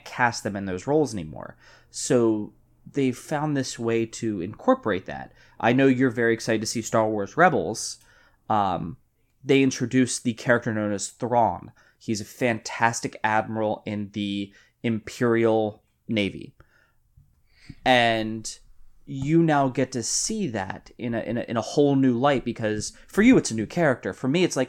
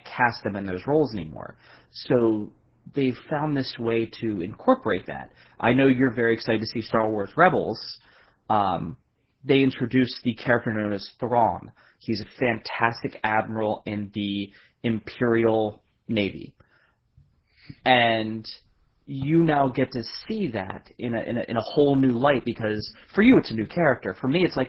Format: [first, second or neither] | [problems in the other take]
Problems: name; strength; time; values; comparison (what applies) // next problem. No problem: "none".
first | garbled, watery; badly; nothing above 5.5 kHz